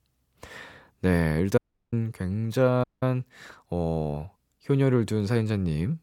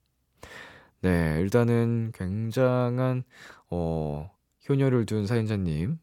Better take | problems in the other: second | audio cutting out; at 1.5 s and at 3 s

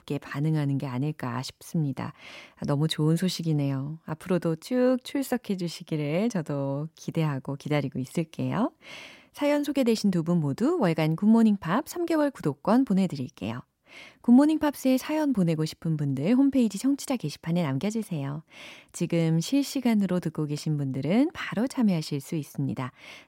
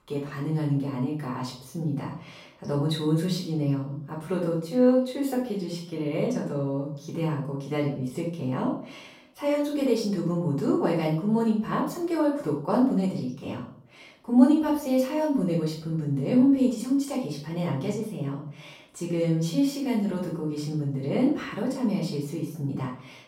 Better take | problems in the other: first | room echo; noticeable; dies away in 0.5 s // off-mic speech; far

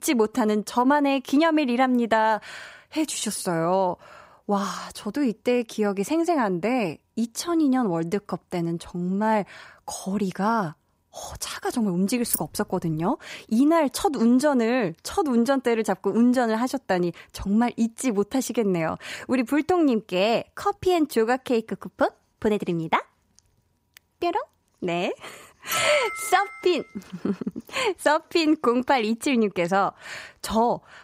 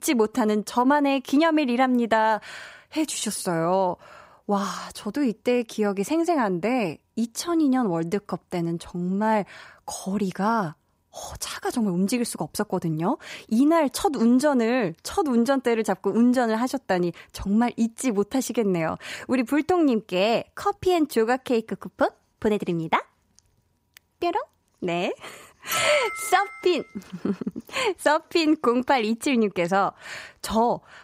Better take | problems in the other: second | jangling keys; noticeable; at 12 s; peak 3 dB below the speech

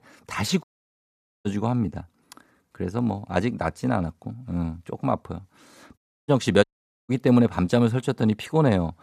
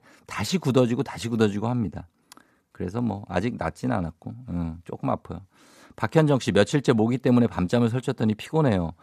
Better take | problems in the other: second | audio cutting out; at 0.5 s for 1 s, at 6 s and at 6.5 s

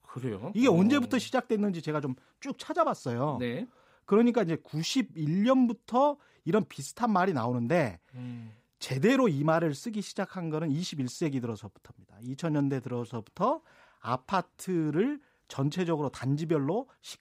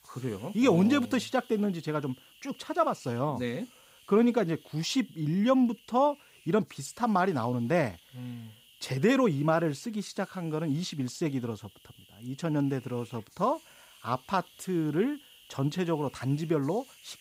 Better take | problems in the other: first | hiss; faint; throughout; 25 dB below the speech

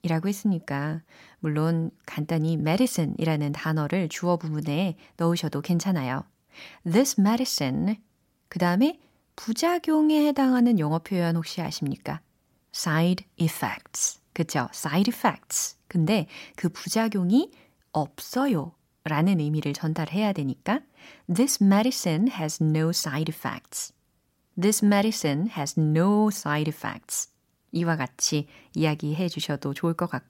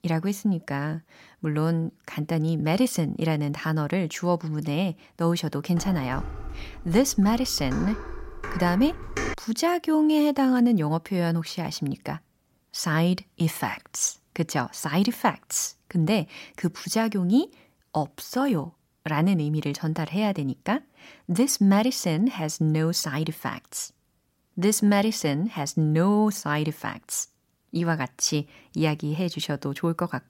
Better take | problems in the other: first | clattering dishes; noticeable; from 6 to 9.5 s; peak 5 dB below the speech

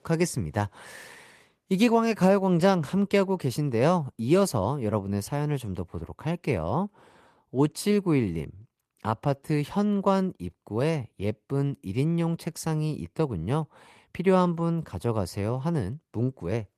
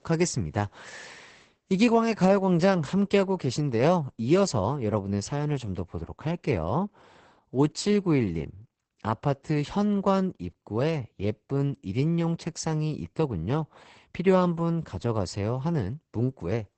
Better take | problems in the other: first | garbled, watery; badly; nothing above 8 kHz; slightly in the first

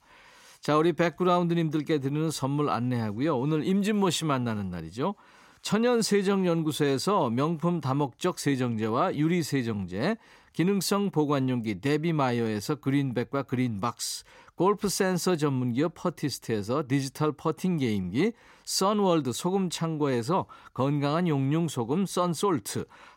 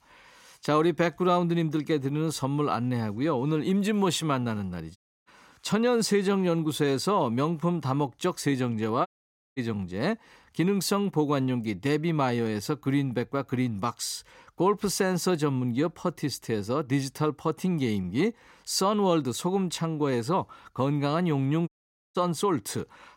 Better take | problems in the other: first | audio cutting out; at 5 s, at 9 s for 0.5 s and at 22 s

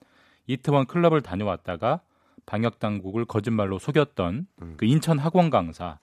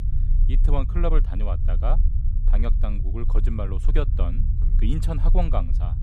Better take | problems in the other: first | low rumble; noticeable; throughout; 10 dB below the speech

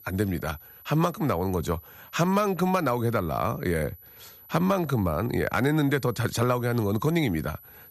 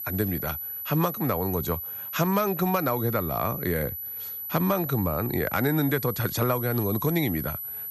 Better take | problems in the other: first | high-pitched whine; loud; throughout; 12 kHz, 5 dB below the speech; faint in the first

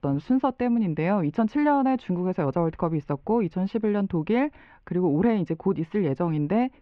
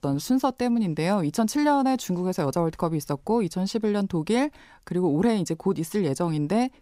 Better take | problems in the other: second | muffled; very; fading above 2.5 kHz

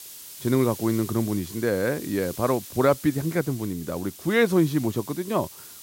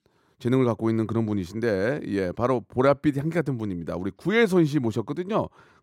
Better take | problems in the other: second | hiss; noticeable; throughout; 15 dB below the speech

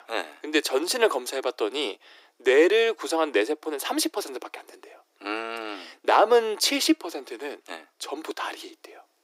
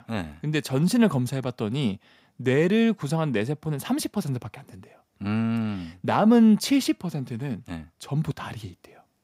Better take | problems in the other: second | thin; very; fading below 300 Hz

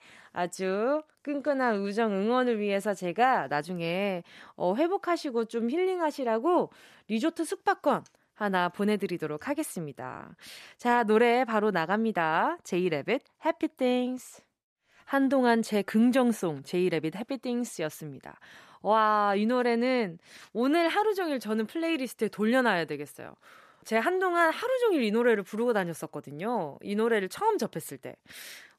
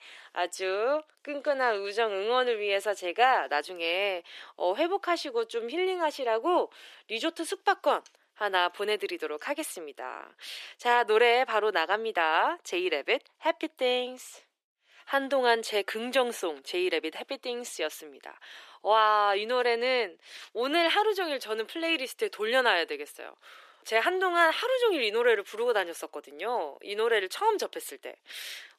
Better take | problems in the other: first | thin; very; fading below 350 Hz

